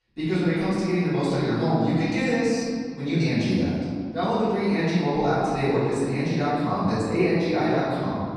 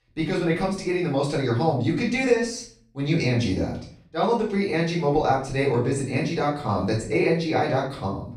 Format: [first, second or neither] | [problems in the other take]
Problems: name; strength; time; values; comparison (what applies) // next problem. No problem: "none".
second | room echo; strong; dies away in 2.2 s; slight in the second // off-mic speech; far; far in the second